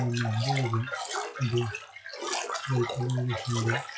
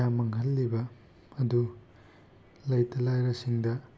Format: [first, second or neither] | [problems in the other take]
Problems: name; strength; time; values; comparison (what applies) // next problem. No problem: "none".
second | noise reduction (classical method WPE with log-MMSE)